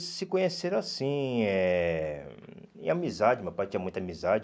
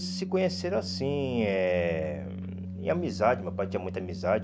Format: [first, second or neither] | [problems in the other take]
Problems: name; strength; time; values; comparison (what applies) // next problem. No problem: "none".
first | background sound (Organ); 7 dB below the speech